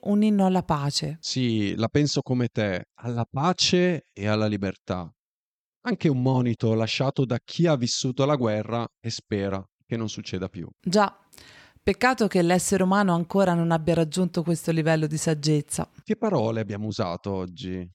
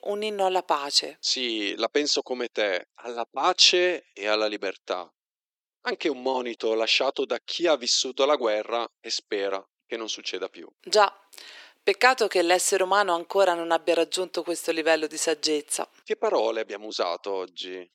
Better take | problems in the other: first | thin; very; fading below 350 Hz

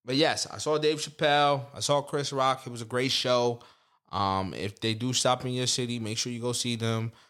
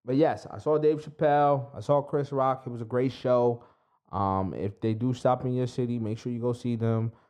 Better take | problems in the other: first | muffled; very; fading above 2 kHz

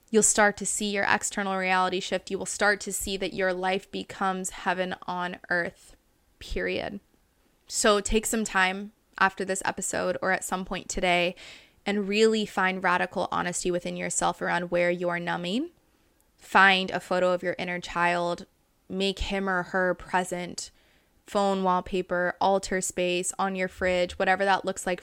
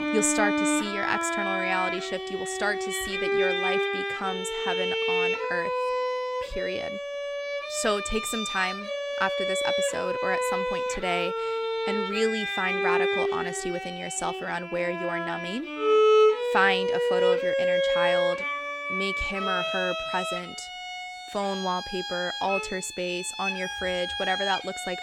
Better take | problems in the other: first | background music; very loud; throughout; 2 dB above the speech

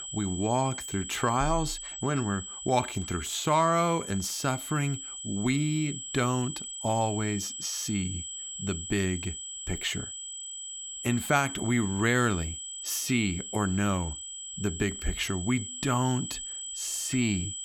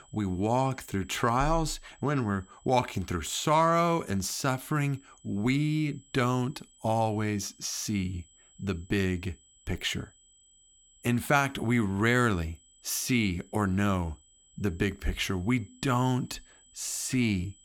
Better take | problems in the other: second | high-pitched whine; loud; throughout; 7.5 kHz, 7 dB below the speech; faint in the second

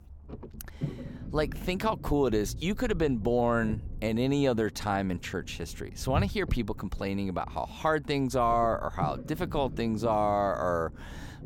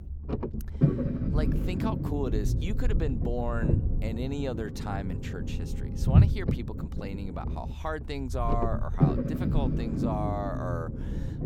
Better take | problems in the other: first | low rumble; loud; throughout; 2 dB below the speech; faint in the first

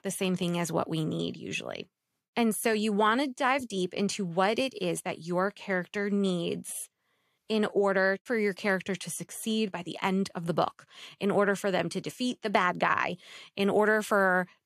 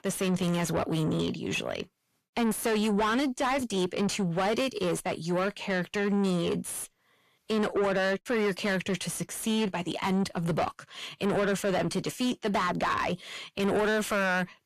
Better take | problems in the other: first | distortion; heavy; 6 dB below the speech

